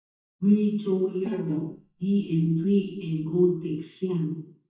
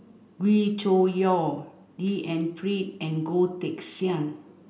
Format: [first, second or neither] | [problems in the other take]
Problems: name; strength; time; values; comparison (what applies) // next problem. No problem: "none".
second | noise reduction (neural mask model DeepFilterNet 3)